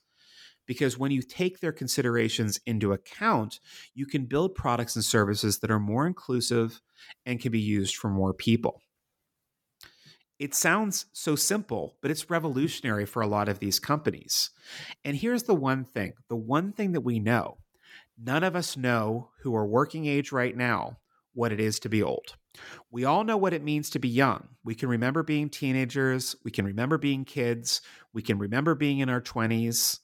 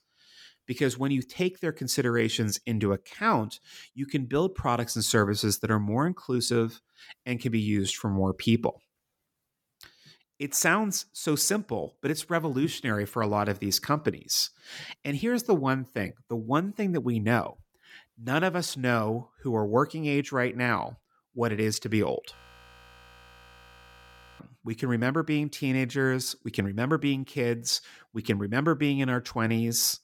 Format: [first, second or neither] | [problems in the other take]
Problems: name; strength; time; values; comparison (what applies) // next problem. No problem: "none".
first | audio freezing; at 22 s for 2 s